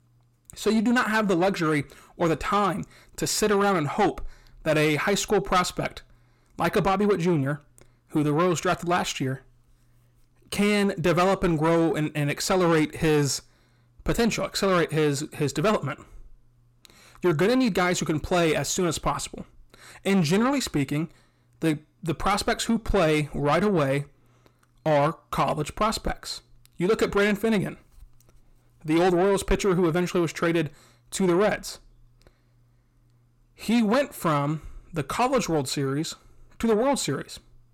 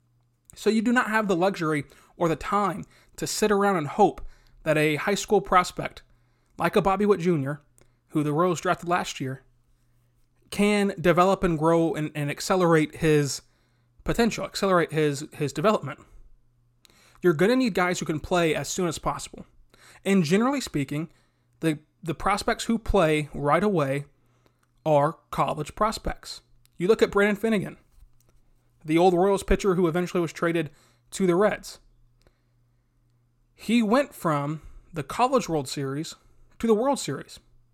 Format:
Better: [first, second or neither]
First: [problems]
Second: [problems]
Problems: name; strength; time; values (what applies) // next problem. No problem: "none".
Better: second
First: distortion; slight; 10 dB below the speech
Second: none